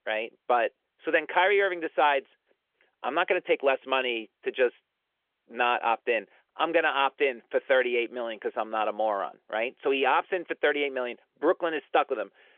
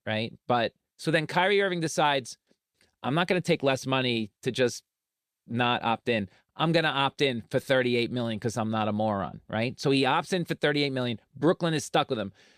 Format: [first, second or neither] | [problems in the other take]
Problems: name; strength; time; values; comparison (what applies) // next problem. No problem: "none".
second | phone-call audio; nothing above 3.5 kHz